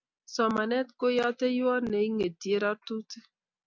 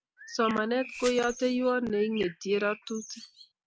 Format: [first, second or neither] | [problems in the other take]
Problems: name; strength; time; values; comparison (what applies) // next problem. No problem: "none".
first | background sound (Bird + Glass); 15 dB below the speech